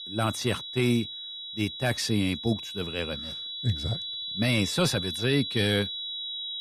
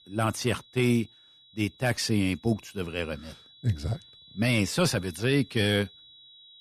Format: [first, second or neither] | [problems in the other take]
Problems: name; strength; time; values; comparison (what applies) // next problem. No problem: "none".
second | high-pitched whine; loud; throughout; 4 kHz, 5 dB below the speech; faint in the second